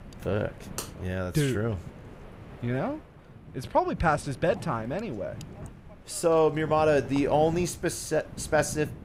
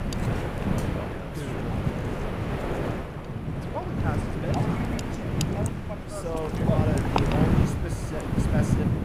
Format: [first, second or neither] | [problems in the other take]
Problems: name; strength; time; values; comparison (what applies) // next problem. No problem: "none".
first | wind noise on the microphone; heavy; 5 dB above the speech; occasional gusts in the first